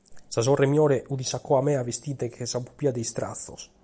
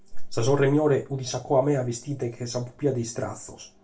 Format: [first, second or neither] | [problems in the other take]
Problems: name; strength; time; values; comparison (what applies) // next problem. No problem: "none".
first | room echo; dies away in 0.2 s